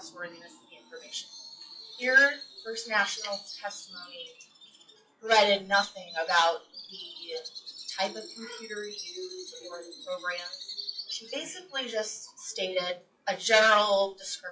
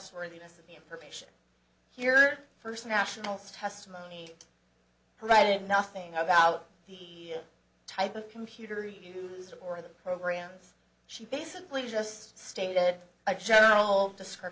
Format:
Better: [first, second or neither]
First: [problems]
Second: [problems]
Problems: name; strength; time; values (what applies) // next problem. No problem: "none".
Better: second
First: noise reduction (classical method WPE with log-MMSE)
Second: none